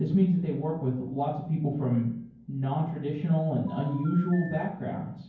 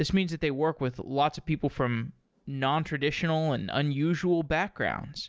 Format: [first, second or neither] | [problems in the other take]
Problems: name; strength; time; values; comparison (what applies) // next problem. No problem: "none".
second | background sound (Telephone); 16 dB below the speech // room echo; dies away in 0.9 s